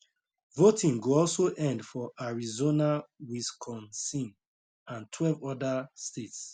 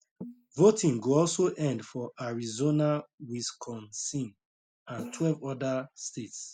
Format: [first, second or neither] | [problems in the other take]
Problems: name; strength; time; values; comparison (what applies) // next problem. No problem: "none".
first | noise reduction (neural mask model Resemble Enhance denoiser)